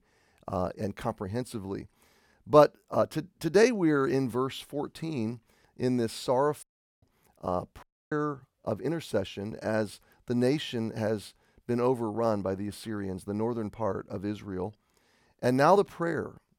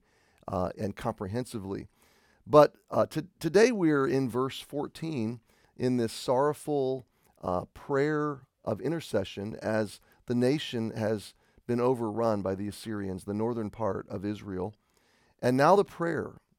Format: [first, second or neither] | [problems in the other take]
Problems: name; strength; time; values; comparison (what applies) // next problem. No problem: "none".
second | audio cutting out; at 6.5 s and at 8 s